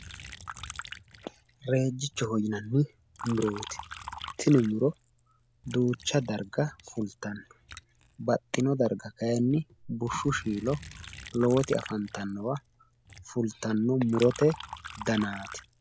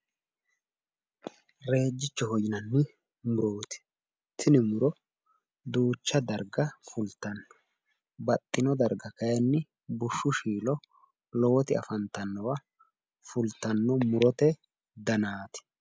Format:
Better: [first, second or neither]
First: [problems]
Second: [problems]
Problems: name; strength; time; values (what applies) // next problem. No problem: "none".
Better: second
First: background sound (Liquid); 16 dB below the speech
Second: none